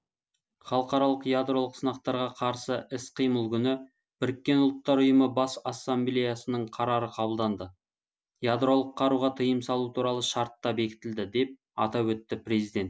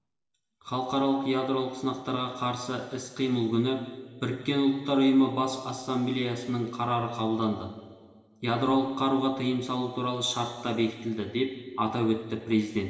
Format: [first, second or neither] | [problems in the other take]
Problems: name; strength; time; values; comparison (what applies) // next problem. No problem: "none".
first | room echo; dies away in 2 s